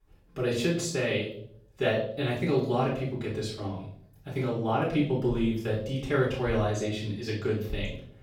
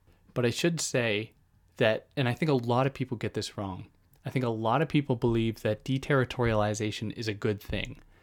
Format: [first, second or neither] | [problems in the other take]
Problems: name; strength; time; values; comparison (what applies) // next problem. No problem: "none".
second | off-mic speech; far // room echo; noticeable; dies away in 0.6 s